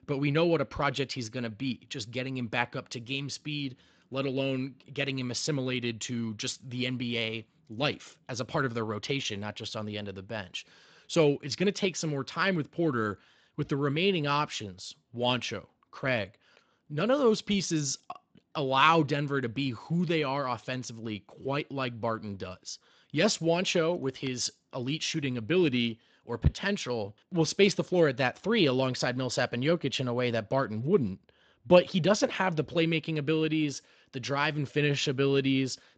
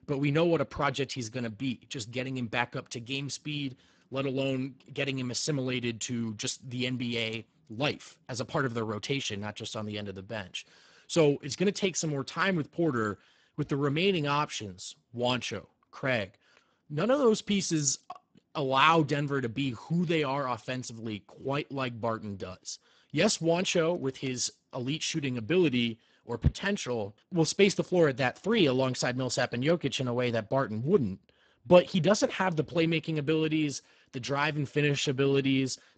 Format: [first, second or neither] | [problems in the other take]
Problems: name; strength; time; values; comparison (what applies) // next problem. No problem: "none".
first | garbled, watery; badly; nothing above 8 kHz; slightly in the first